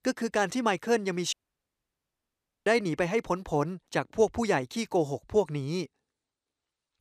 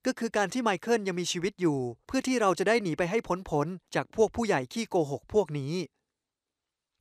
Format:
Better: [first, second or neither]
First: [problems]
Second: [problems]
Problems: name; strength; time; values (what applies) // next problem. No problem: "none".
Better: second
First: audio cutting out; at 1.5 s for 1.5 s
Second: none